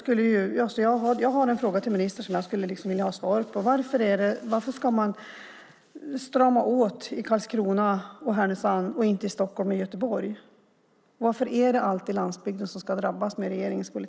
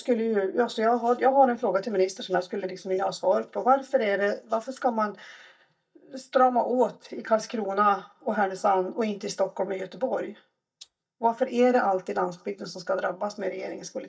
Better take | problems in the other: first | noise reduction (neural mask model DeepFilterNet 3)

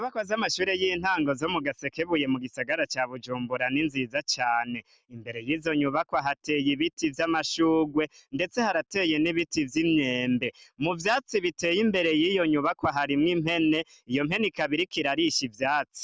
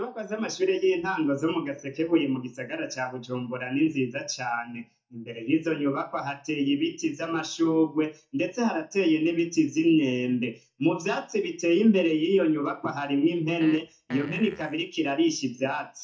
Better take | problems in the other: first | noise reduction (neural mask model DeepFilterNet 3)

